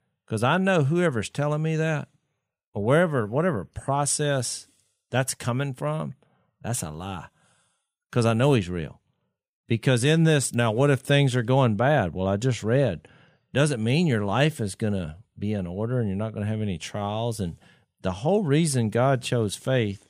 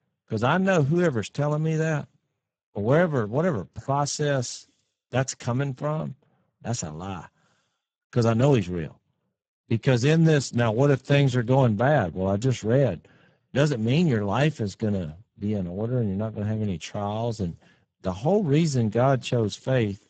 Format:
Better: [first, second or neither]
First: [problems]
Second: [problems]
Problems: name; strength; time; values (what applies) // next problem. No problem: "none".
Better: first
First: none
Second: garbled, watery; badly; nothing above 7.5 kHz